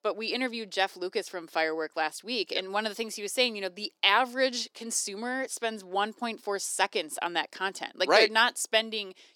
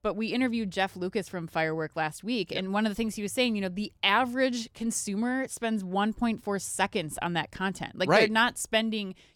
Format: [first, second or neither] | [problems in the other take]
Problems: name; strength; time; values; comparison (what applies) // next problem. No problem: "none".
second | thin; somewhat; fading below 300 Hz